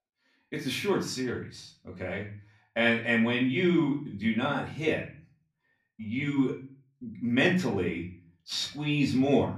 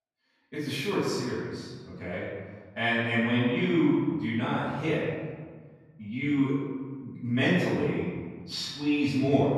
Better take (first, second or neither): first